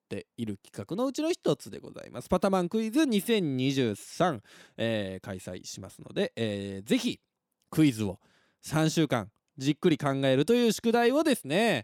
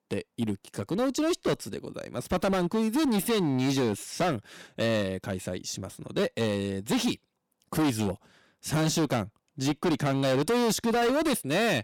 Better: first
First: none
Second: distortion; heavy; 17% of the sound clipped

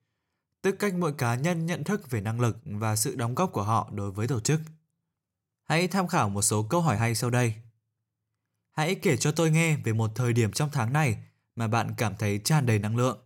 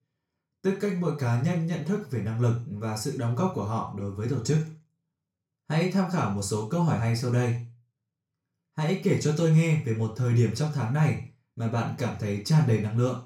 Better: first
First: none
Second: room echo; slight; dies away in 0.3 s // off-mic speech; far

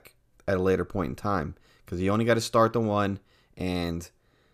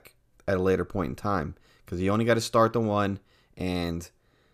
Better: neither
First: none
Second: none

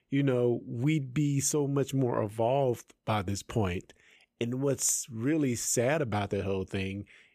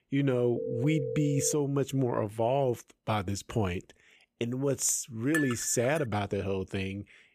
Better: first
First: none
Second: phone ringing; noticeable; at 0.5 s; peak 5 dB below the speech // clattering dishes; noticeable; at 5.5 s; peak 4 dB below the speech

